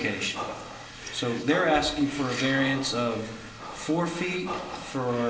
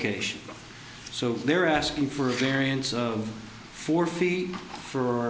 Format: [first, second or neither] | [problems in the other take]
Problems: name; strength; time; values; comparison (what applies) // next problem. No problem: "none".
second | background sound (Breathing); 12 dB below the speech // room echo; dies away in 1.5 s